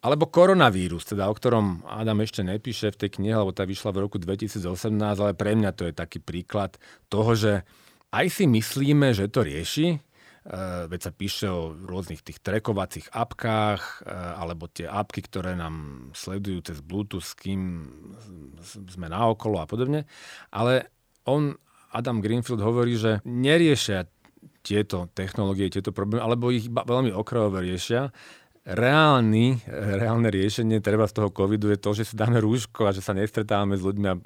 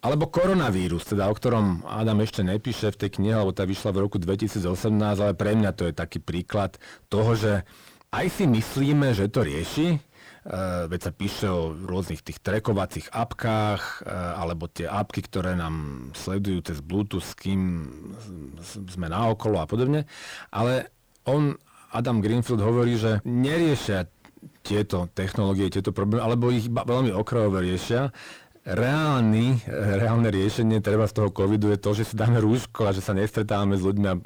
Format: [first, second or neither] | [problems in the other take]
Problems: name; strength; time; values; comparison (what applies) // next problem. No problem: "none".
first | distortion; heavy; 6 dB below the speech